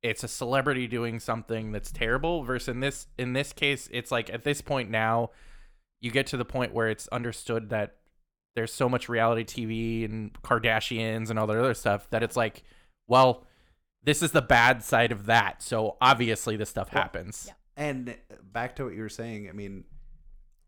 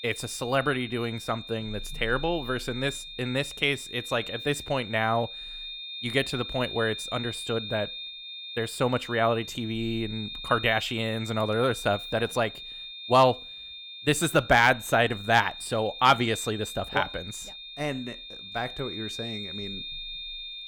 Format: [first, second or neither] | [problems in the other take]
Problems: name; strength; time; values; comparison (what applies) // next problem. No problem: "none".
first | high-pitched whine; loud; throughout; 3.5 kHz, 10 dB below the speech